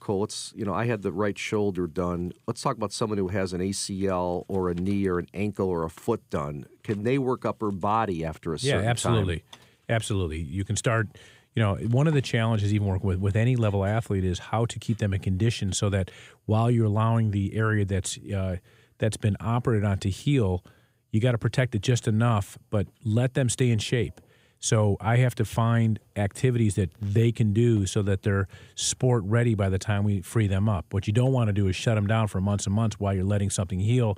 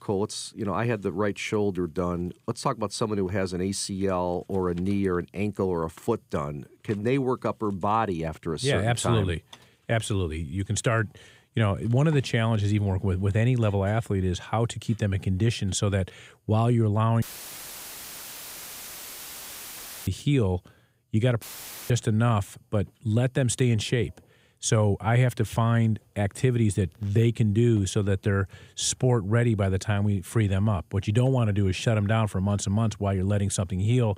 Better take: first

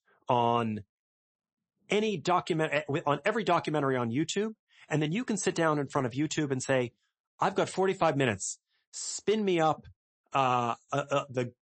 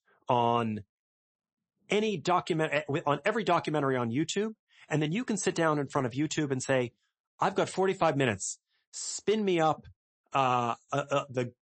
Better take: neither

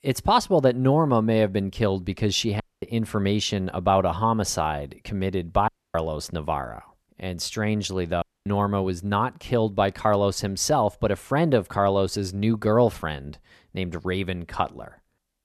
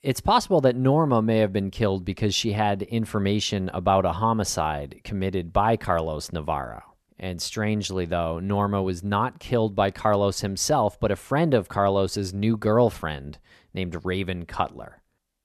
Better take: second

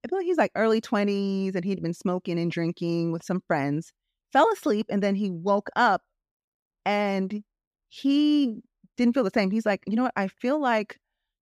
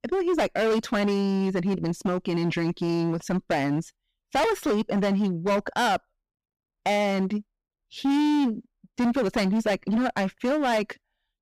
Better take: first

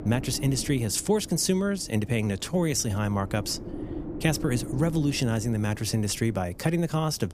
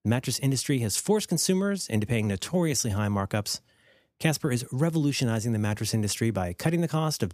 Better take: second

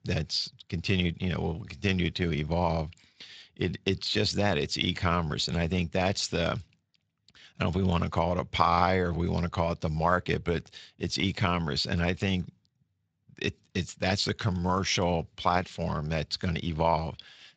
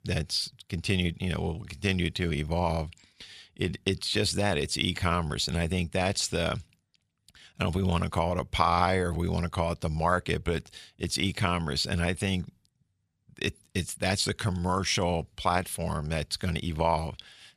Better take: second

